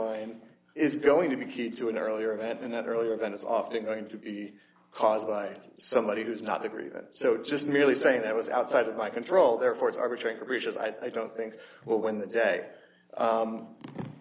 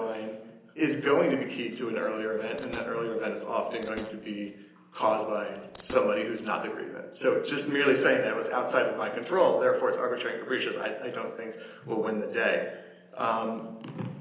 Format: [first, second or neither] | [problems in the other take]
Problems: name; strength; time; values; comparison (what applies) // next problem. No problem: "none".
first | background sound (Fart); 18 dB below the speech // room echo; dies away in 0.8 s